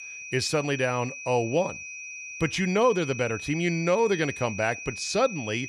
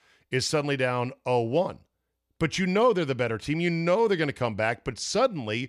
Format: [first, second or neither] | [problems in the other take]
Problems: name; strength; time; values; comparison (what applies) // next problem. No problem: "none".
second | high-pitched whine; noticeable; throughout; 2.5 kHz, 10 dB below the speech